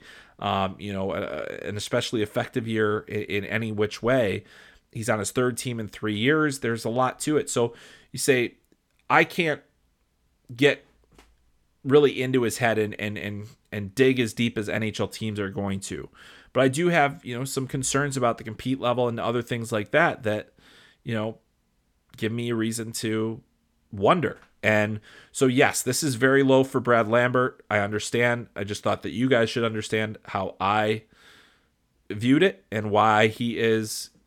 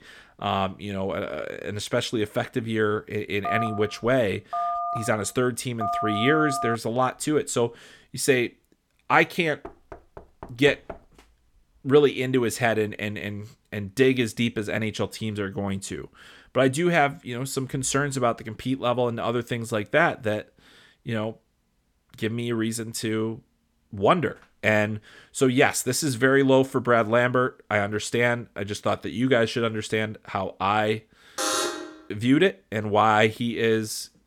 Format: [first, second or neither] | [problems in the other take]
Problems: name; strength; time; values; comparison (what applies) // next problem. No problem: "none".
first | phone ringing; noticeable; from 3.5 to 7 s; peak 2 dB below the speech // door banging; faint; from 9.5 to 11 s; peak 20 dB below the speech // alarm; loud; at 31 s; peak level with the speech